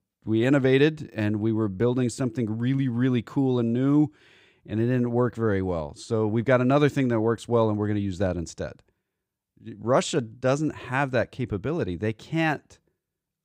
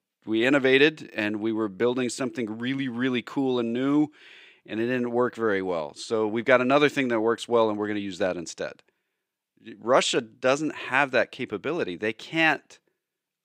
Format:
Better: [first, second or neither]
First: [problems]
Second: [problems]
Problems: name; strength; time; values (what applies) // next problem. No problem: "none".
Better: first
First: none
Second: thin; very slightly; fading below 300 Hz